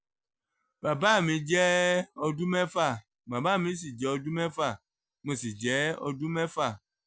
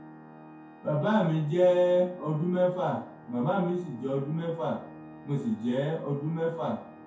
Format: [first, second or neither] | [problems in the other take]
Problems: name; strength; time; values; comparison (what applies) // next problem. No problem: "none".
first | background sound (Organ); 20 dB below the speech // room echo; dies away in 0.6 s